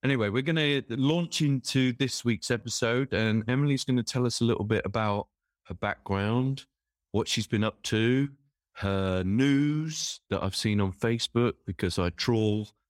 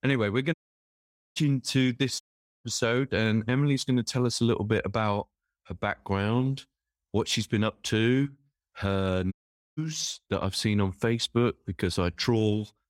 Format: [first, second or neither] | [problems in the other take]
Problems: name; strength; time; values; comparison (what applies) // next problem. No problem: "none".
first | audio cutting out; at 0.5 s for 1 s, at 2 s and at 9.5 s